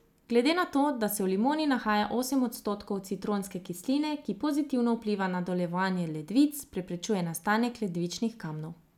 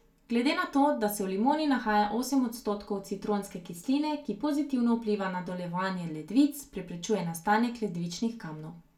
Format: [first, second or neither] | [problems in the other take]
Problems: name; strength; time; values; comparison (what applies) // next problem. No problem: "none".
first | room echo; dies away in 0.2 s